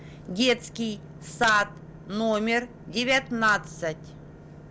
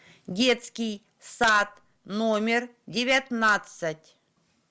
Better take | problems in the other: second | background sound (Engine / Boat, Water vehicle); 17 dB below the speech

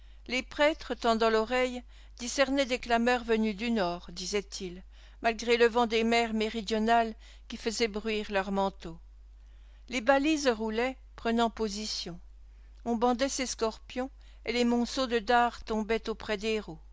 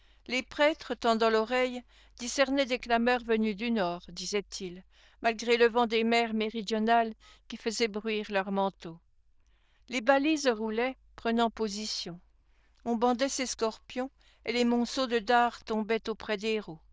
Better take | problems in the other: first | noise reduction (neural diffusion model UNIVERSE++)

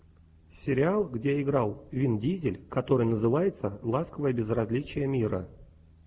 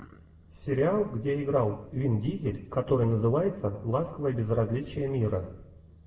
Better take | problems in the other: first | room echo; dies away in 0.6 s

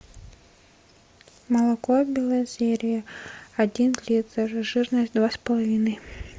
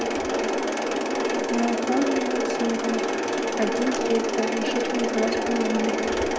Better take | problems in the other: first | background sound (Mechanisms); 4 dB above the speech // room echo; dies away in 1.2 s

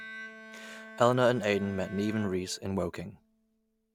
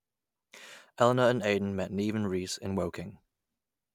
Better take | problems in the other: second | background sound (Bowed string instrument); 16 dB below the speech

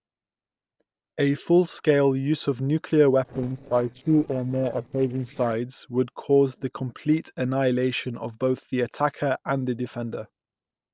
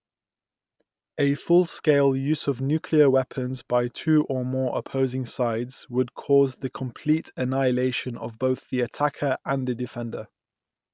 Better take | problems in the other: second | noise reduction (neural separator model SepFormer DNS4)

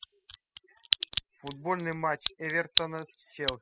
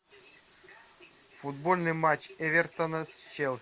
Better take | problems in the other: second | noise reduction (classical method spectral subtraction)

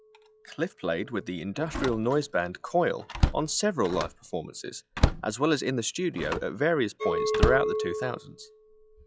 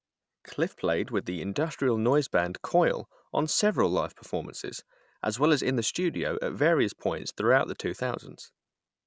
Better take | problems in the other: second | noise reduction (classical method log-MMSE)

